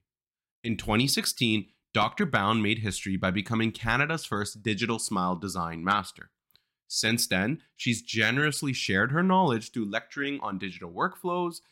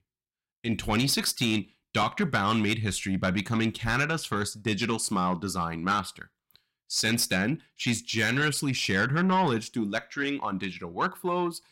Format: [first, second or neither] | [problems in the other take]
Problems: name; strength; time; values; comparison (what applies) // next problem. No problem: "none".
first | distortion; slight; 10 dB below the speech